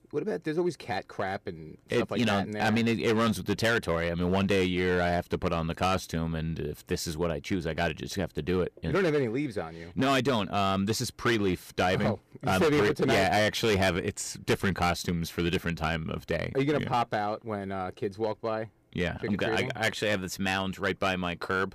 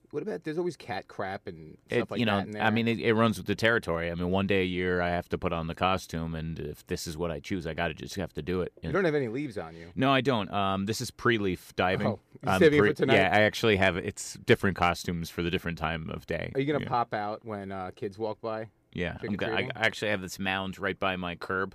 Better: second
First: distortion; heavy; 7% of the sound clipped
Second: none

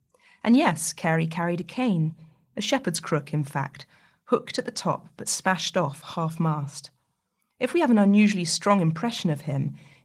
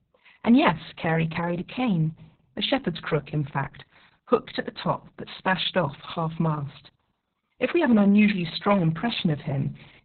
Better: first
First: garbled, watery; slightly; nothing above 16 kHz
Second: garbled, watery; badly; nothing above 4 kHz

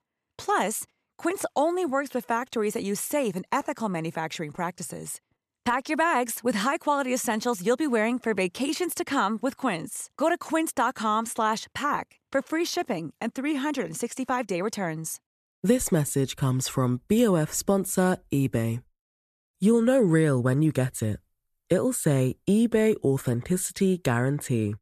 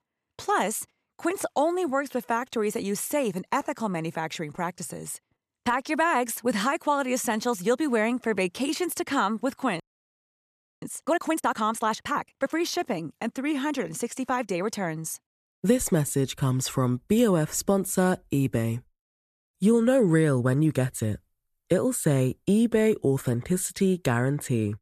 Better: first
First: none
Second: audio freezing; at 10 s for 1 s

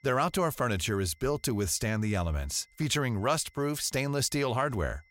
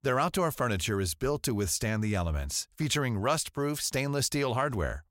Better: second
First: high-pitched whine; faint; throughout; 2 kHz, 35 dB below the speech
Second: none

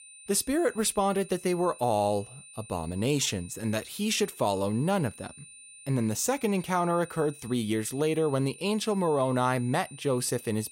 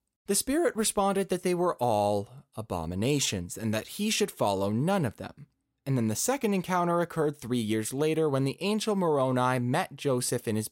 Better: second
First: high-pitched whine; noticeable; throughout; 9 kHz, 20 dB below the speech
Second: none

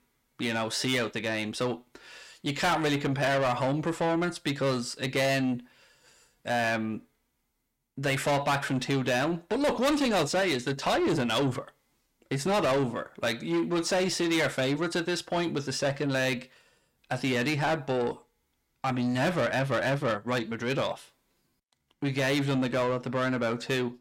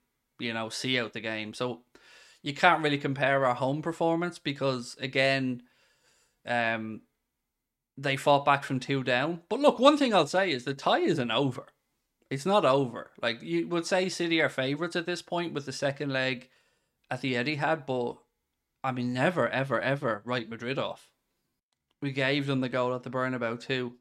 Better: second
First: distortion; heavy; 6 dB below the speech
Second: none

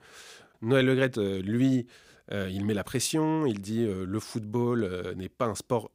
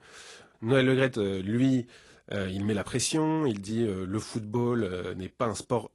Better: first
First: none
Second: garbled, watery; slightly

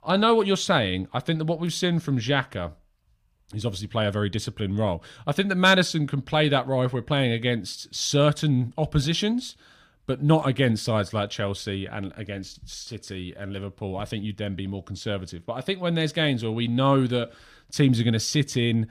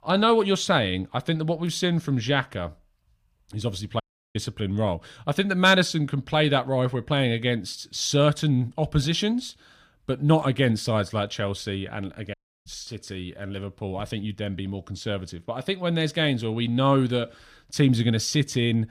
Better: first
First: none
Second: audio cutting out; at 4 s and at 12 s

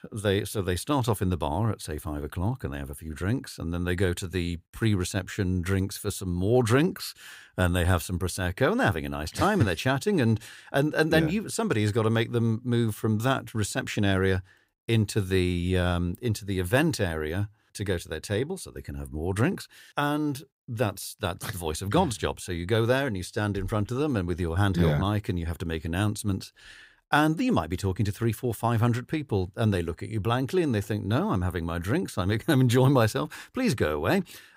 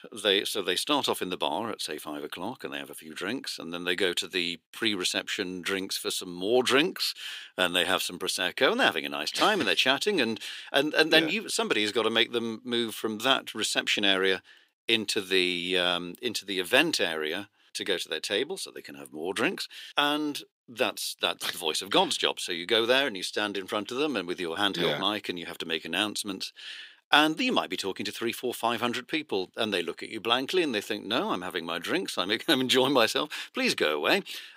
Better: first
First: none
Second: thin; somewhat; fading below 300 Hz

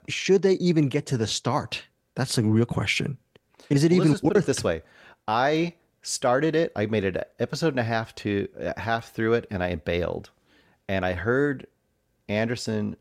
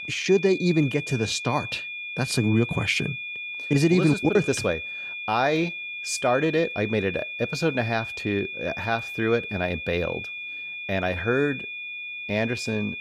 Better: first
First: none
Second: high-pitched whine; loud; throughout; 2.5 kHz, 7 dB below the speech

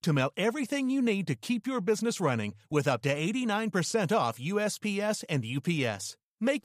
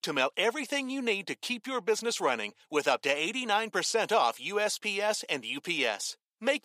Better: first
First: none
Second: thin; somewhat; fading below 350 Hz

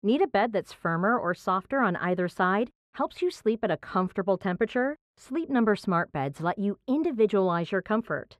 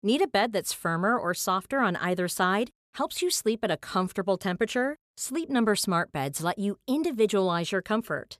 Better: second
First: muffled; very; fading above 4 kHz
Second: none

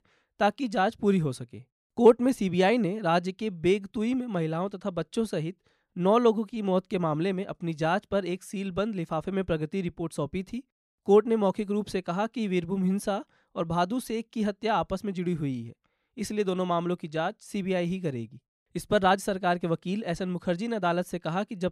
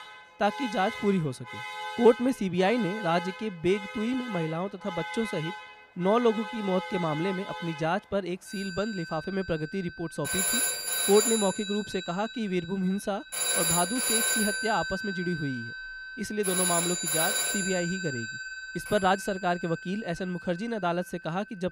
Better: first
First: none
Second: alarms or sirens; loud; throughout; 1 dB below the speech

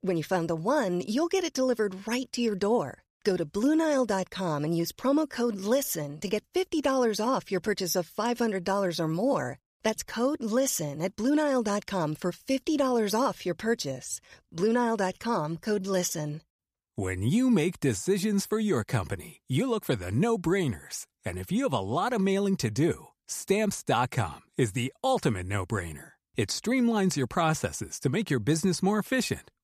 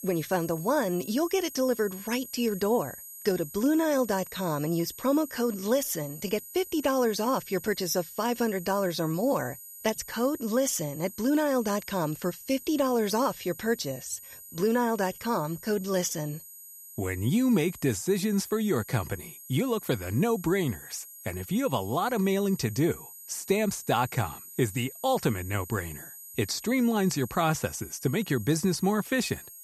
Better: first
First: none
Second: high-pitched whine; noticeable; throughout; 12 kHz, 15 dB below the speech

